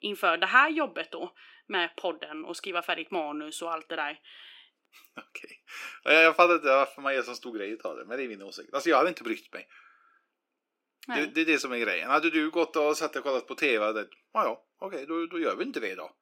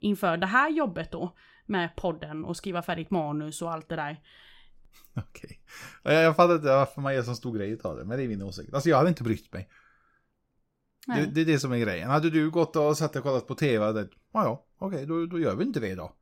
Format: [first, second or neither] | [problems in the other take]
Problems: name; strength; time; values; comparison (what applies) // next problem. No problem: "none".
second | thin; somewhat; fading below 300 Hz